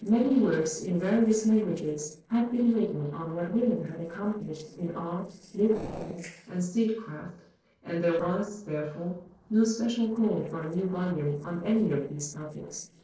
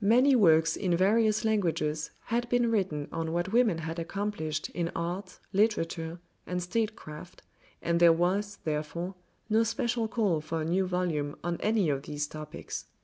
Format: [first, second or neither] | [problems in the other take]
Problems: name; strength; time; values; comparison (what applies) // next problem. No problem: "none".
second | noise reduction (neural separator model SepFormer DNS4)